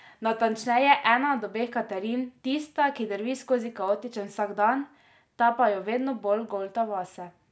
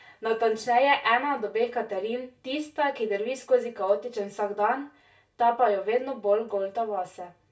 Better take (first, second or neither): first